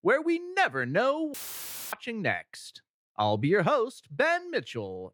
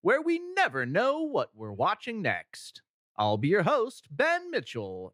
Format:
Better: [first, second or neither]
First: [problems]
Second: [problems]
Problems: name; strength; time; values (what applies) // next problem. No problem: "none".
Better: second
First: audio cutting out; filled with static; at 1.5 s for 0.5 s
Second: none